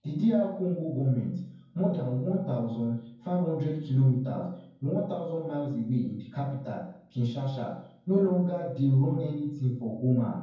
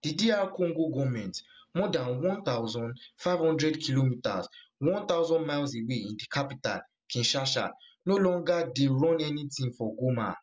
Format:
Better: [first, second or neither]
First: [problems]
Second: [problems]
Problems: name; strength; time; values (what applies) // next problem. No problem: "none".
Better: second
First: room echo; dies away in 0.9 s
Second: none